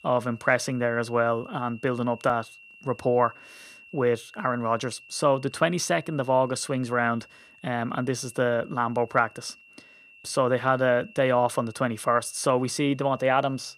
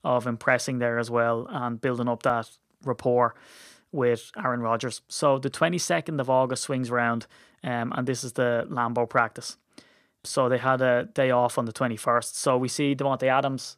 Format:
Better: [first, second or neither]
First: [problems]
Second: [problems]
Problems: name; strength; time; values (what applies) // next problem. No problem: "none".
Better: second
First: high-pitched whine; faint; throughout; 2.5 kHz, 25 dB below the speech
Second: none